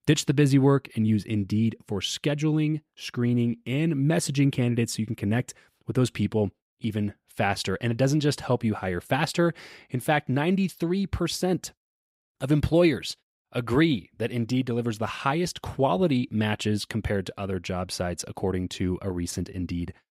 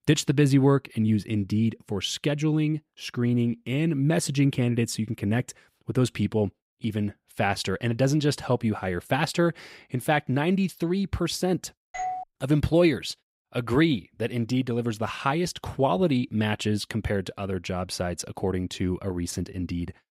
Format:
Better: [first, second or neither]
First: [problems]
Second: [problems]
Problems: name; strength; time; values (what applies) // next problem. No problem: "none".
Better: first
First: none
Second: doorbell; noticeable; at 12 s; peak 6 dB below the speech